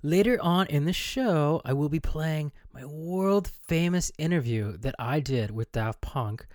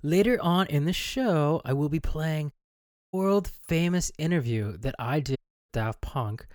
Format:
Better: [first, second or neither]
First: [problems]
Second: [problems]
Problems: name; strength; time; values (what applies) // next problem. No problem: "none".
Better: first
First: none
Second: audio cutting out; at 2.5 s for 0.5 s and at 5.5 s